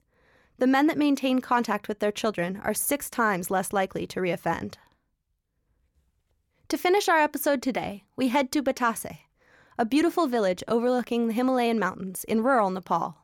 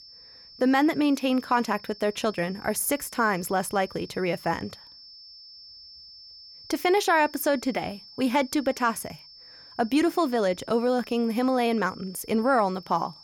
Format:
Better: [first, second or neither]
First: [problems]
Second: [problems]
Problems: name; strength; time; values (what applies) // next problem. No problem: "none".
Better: first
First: none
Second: high-pitched whine; noticeable; throughout; 5.5 kHz, 20 dB below the speech